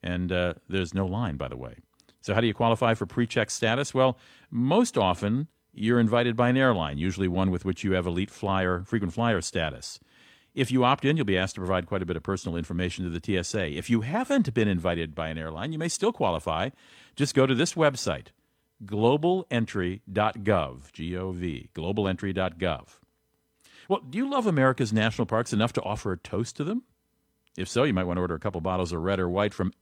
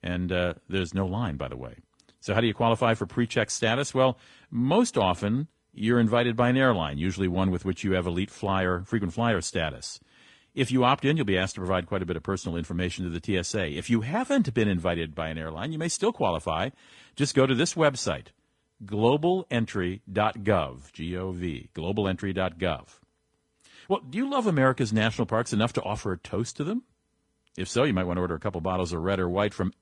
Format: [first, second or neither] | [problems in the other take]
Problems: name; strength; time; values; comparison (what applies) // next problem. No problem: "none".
first | garbled, watery; slightly